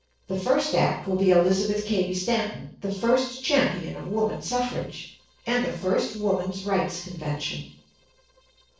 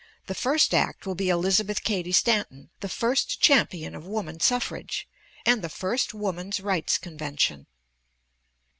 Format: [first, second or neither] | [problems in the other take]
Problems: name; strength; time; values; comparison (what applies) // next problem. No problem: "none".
second | noise reduction (neural separator model SepFormer DNS4)